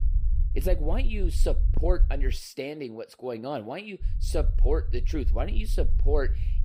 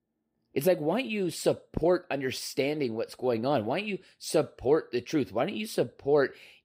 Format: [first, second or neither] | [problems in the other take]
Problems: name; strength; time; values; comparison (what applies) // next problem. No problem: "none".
second | low rumble; noticeable; until 2.5 s and from 4 s on; 15 dB below the speech